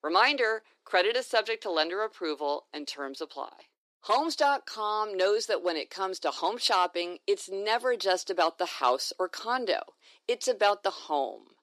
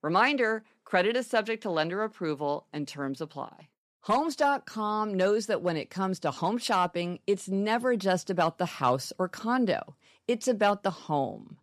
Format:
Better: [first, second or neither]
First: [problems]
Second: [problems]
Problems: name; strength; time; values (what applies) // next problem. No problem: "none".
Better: second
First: thin; very; fading below 350 Hz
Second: none